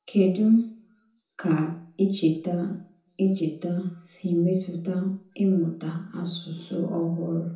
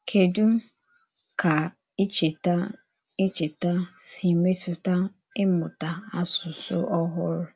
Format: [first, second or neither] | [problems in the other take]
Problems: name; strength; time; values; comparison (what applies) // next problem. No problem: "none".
second | room echo; dies away in 0.5 s